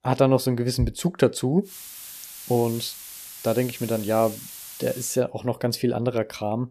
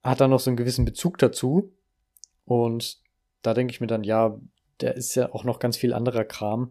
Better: second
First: hiss; noticeable; from 1.5 to 5 s; 15 dB below the speech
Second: none

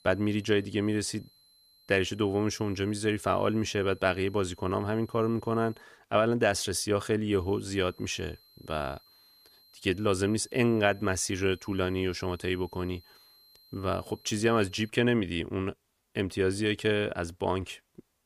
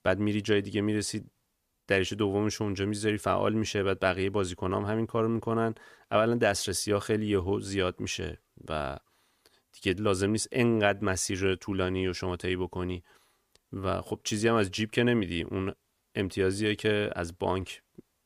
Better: second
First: high-pitched whine; faint; until 6 s and from 7.5 to 15 s; 4 kHz, 30 dB below the speech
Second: none

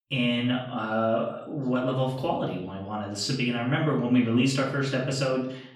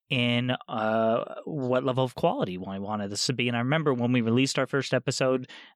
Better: second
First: off-mic speech; far // room echo; slight; dies away in 0.5 s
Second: none

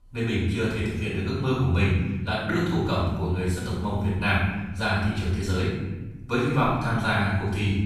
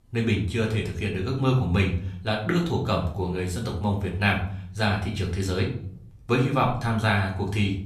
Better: second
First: room echo; strong; dies away in 1.2 s // off-mic speech; far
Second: room echo; slight; dies away in 0.5 s // off-mic speech; somewhat distant

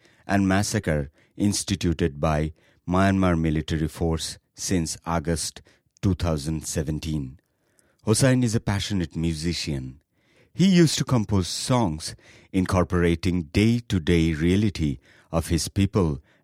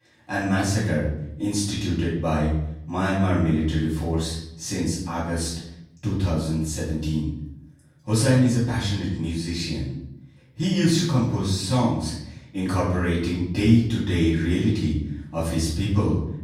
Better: first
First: none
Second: off-mic speech; far // room echo; noticeable; dies away in 0.7 s

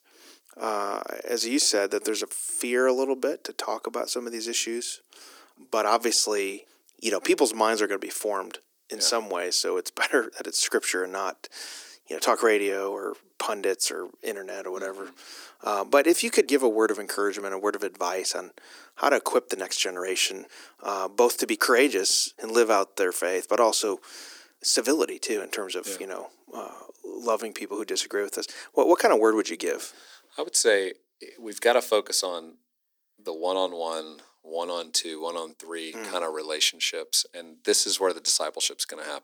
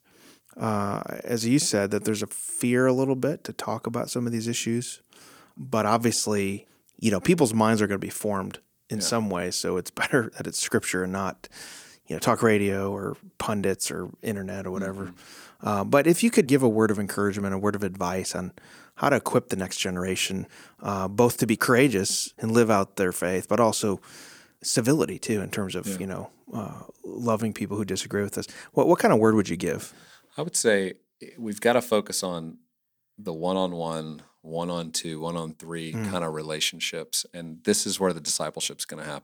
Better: second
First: thin; somewhat; fading below 300 Hz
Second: none

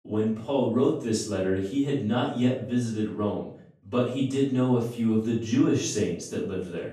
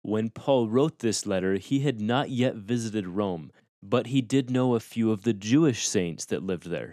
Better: second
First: off-mic speech; far // room echo; noticeable; dies away in 0.4 s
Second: none

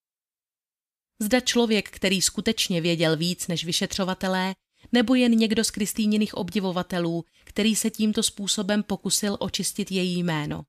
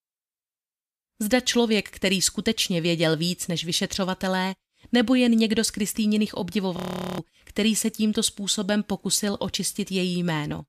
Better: first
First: none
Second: audio freezing; at 7 s

